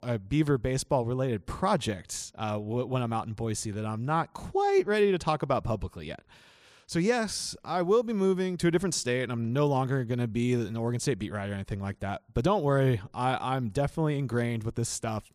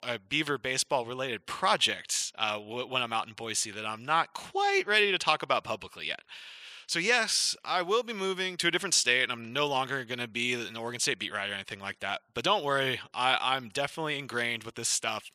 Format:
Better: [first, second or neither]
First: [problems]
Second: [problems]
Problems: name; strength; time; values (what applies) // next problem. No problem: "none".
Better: first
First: none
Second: thin; somewhat; fading below 1 kHz